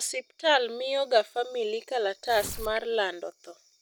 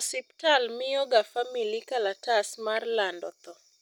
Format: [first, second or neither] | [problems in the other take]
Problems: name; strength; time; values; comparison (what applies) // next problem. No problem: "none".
second | background sound (Tearing); 13 dB below the speech